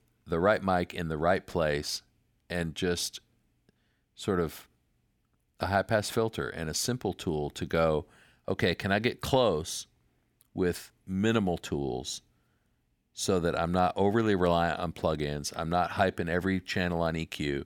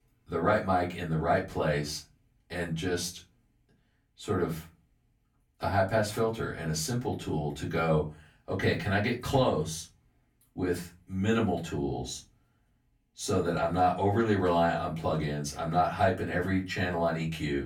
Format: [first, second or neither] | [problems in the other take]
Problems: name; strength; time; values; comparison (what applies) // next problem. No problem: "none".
first | off-mic speech; far // room echo; very slight; dies away in 0.3 s